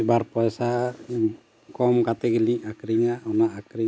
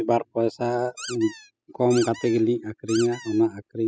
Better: first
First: none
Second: noise reduction (classical method spectral subtraction)

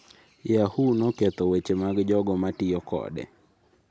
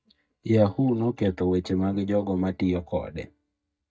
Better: first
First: none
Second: noise reduction (neural mask model DeepFilterNet 3)

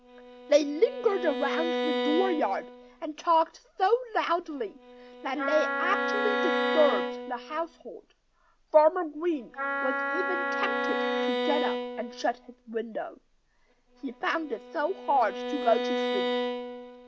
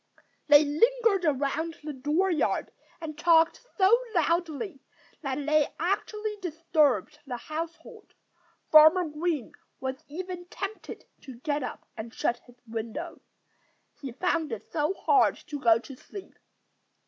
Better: second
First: background sound (Bowed string instrument + Wind instrument, woodwind instrument); 3 dB below the speech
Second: none

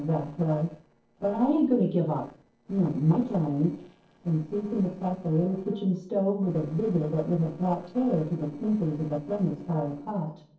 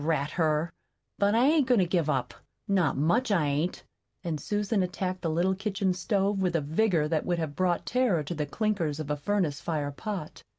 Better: second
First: noise reduction (neural separator model SepFormer DNS4)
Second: none

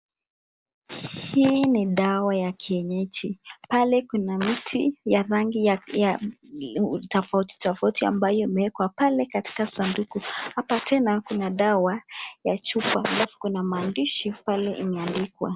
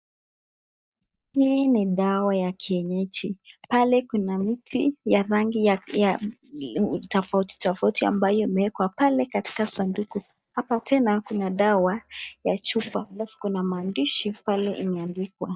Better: first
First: none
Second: noise reduction (neural mask model DeepFilterNet 3)

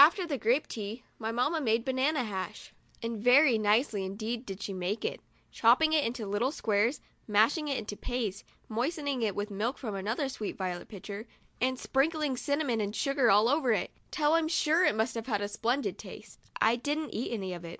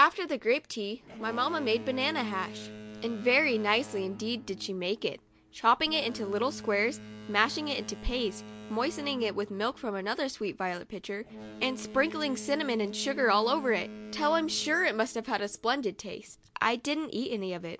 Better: first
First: none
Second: background sound (Boat, Water vehicle); 15 dB below the speech

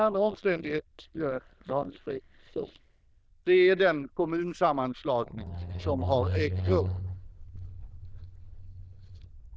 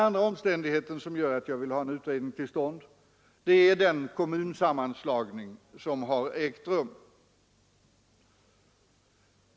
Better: second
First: noise reduction (neural diffusion model UNIVERSE++)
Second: none

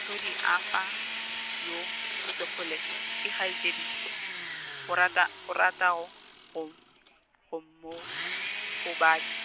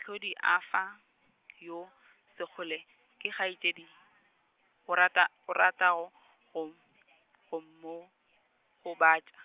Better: second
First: background sound (Domestic sounds, home sounds); 5 dB below the speech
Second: none

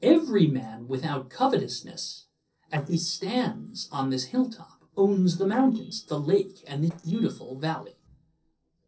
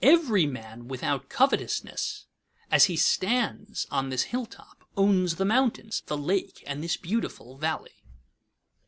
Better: second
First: noise reduction (neural separator model SepFormer DNS4)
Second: none

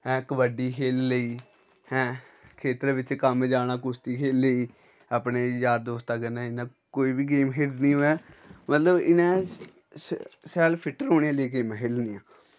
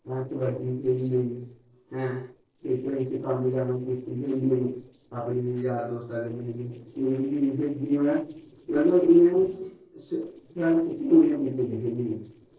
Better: first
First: none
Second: noise reduction (neural separator model SepFormer DNS4)

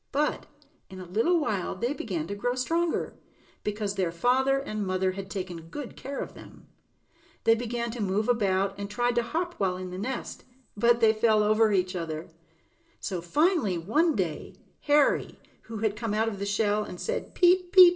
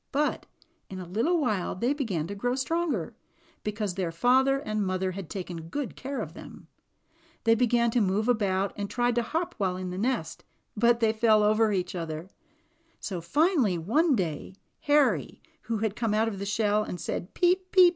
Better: second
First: room echo; dies away in 0.4 s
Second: none

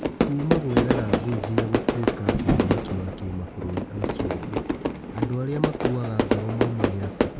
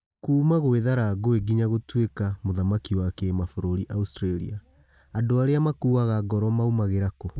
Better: second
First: background sound (Fire / Fireworks); 4 dB above the speech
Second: none

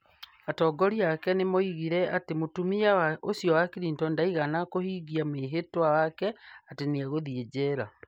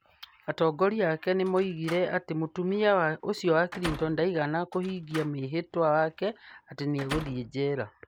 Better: first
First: none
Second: background sound (Slam); 16 dB below the speech

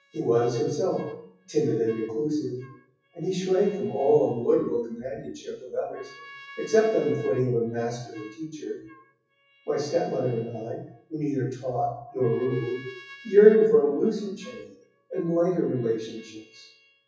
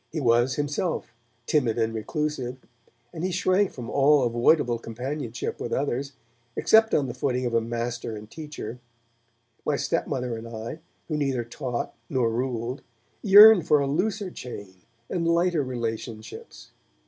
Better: second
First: noise reduction (classical method WPE with log-MMSE)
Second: none

